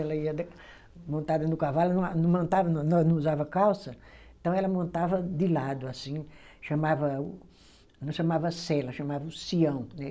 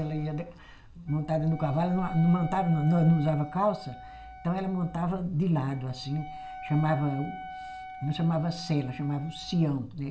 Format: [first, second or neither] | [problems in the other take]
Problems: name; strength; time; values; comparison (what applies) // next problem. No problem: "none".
first | background sound (Wind instrument, woodwind instrument); 15 dB below the speech // room echo; dies away in 0.4 s